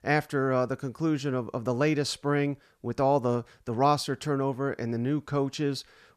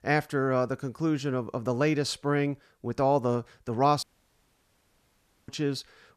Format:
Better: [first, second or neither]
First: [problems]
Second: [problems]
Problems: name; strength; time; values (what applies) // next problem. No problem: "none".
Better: first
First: none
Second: audio cutting out; at 4 s for 1.5 s